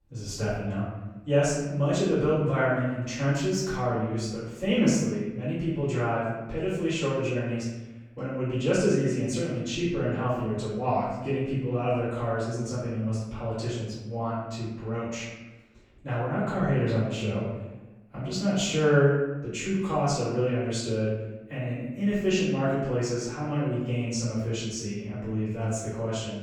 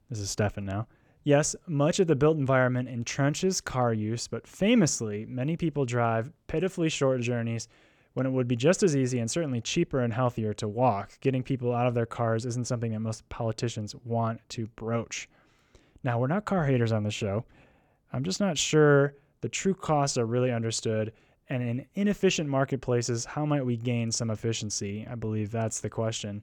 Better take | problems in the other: second | room echo; noticeable; dies away in 1 s // off-mic speech; far

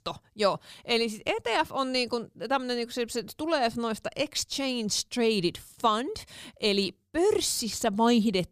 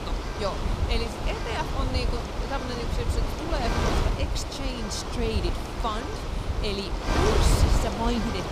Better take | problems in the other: first | wind noise on the microphone; heavy; 1 dB above the speech

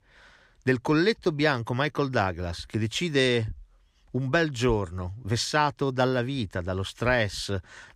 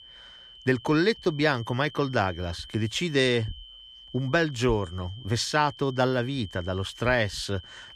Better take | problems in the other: first | high-pitched whine; noticeable; throughout; 3 kHz, 20 dB below the speech

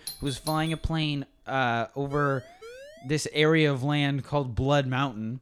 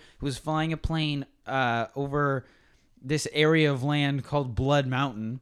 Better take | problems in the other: second | doorbell; faint; at the start; peak 10 dB below the speech // siren; faint; from 2 to 3 s; peak 20 dB below the speech

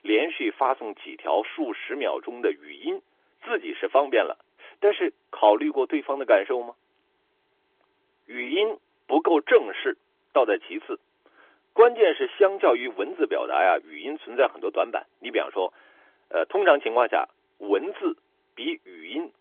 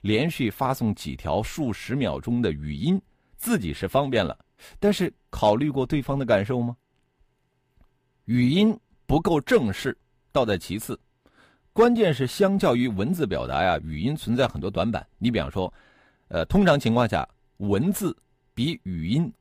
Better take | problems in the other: second | phone-call audio; nothing above 3.5 kHz

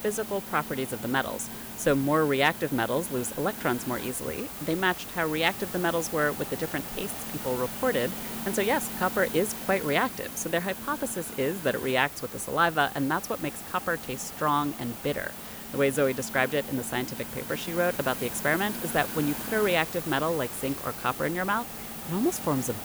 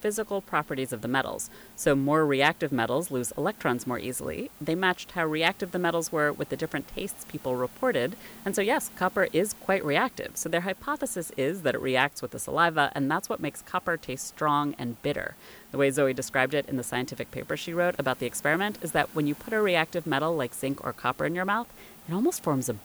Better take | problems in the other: second | hiss; loud; throughout; 7 dB below the speech; faint in the second

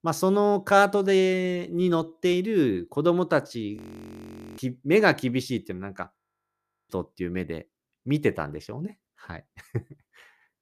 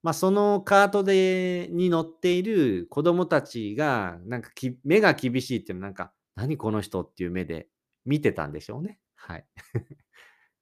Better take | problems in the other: second | audio freezing; at 4 s for 1 s and at 6 s for 0.5 s

